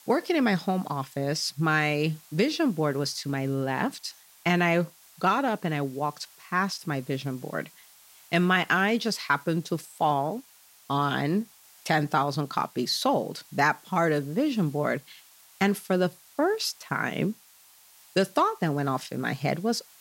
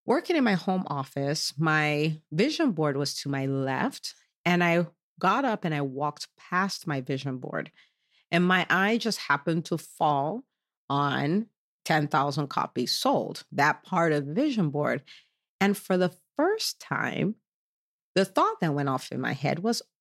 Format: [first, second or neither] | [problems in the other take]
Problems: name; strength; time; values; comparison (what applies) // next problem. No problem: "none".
second | hiss; faint; throughout; 25 dB below the speech